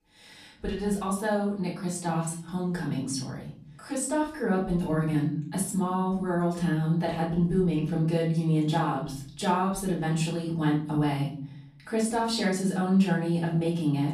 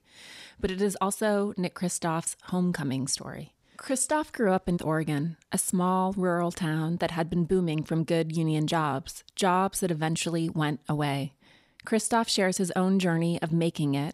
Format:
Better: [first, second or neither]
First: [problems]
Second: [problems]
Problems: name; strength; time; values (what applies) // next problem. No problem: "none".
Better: second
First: off-mic speech; far // room echo; noticeable; dies away in 0.8 s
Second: none